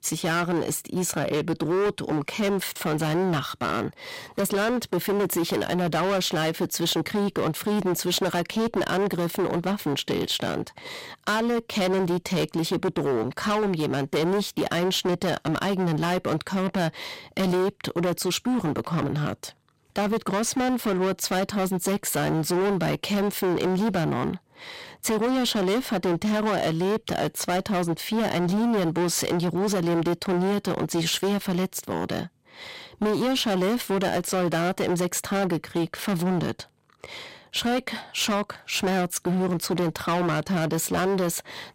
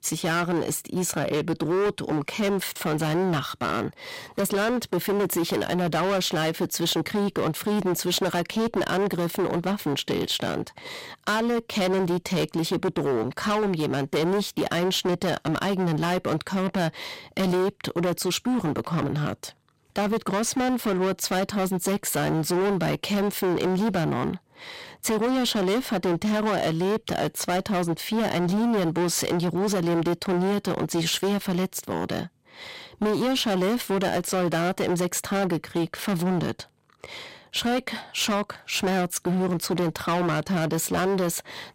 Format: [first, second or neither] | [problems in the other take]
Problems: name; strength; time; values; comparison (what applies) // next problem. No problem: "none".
neither | distortion; heavy; 22% of the sound clipped; the same in both